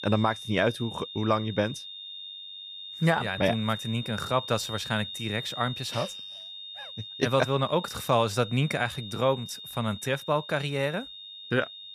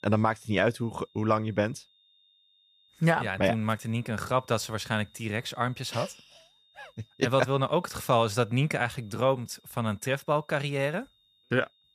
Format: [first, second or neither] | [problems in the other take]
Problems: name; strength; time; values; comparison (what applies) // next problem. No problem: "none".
second | high-pitched whine; loud; throughout; 3.5 kHz, 10 dB below the speech; faint in the second